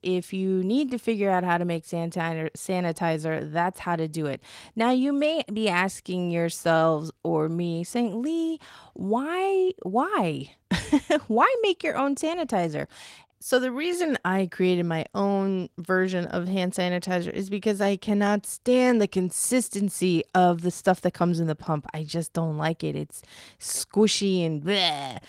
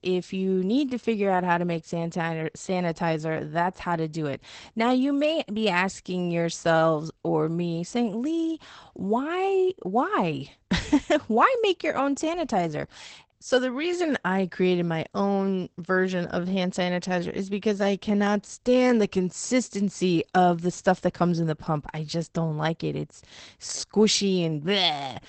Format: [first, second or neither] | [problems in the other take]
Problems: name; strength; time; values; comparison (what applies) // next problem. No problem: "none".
first | garbled, watery; badly; nothing above 8 kHz; slightly in the first